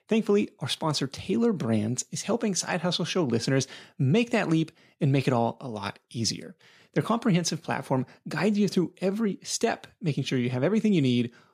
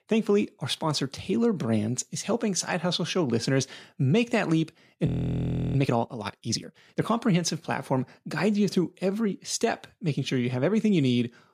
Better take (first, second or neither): first